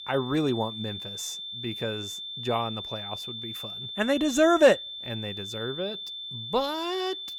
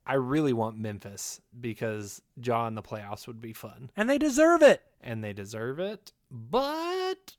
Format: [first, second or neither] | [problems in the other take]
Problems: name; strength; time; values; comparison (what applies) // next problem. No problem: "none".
second | high-pitched whine; loud; throughout; 3.5 kHz, 8 dB below the speech